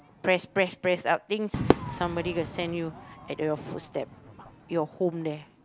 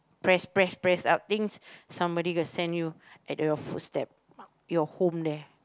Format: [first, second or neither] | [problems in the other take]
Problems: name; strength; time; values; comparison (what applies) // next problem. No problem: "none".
second | background sound (Crowd / Fireworks); 5 dB below the speech